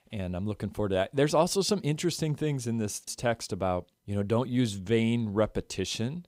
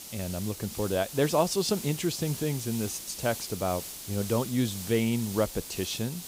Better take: first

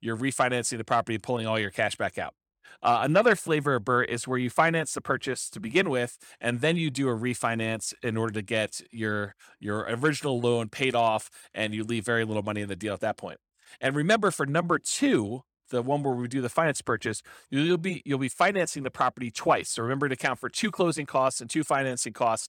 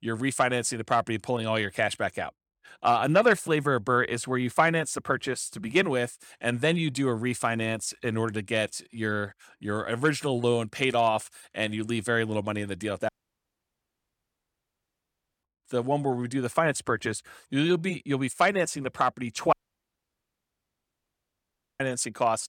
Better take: first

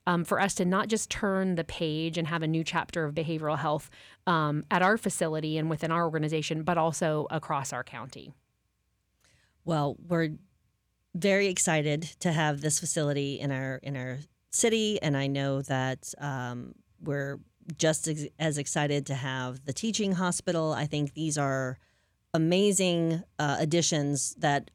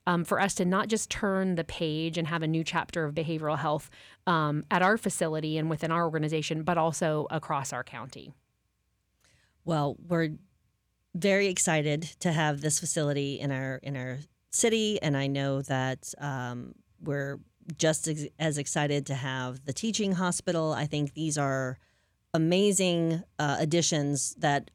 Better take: neither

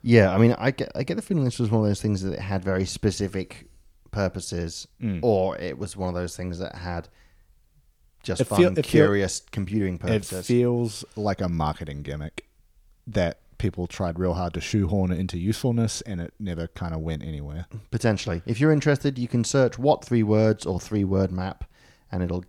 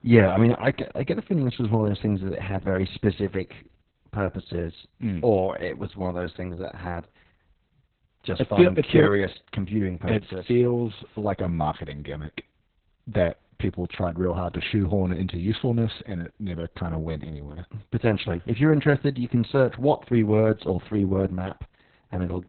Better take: first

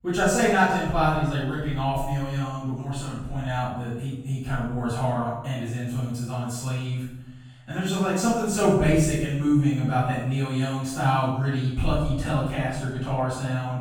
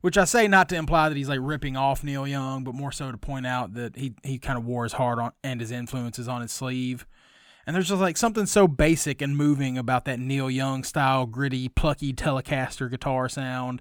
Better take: second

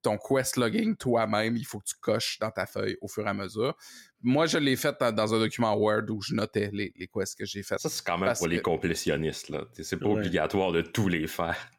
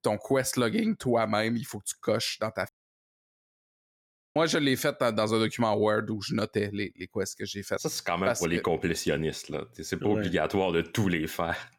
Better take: first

